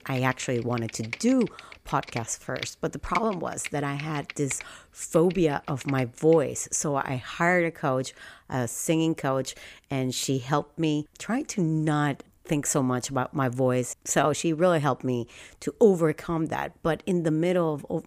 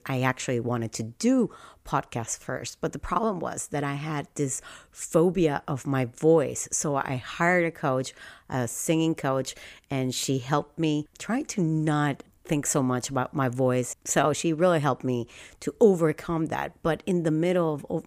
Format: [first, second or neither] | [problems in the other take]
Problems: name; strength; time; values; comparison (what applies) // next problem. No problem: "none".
second | keyboard typing; faint; until 6.5 s; peak 10 dB below the speech